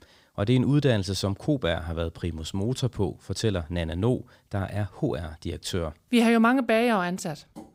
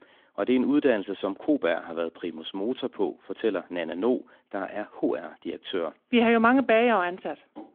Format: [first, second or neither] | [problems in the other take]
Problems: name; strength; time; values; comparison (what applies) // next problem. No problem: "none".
first | phone-call audio; nothing above 3.5 kHz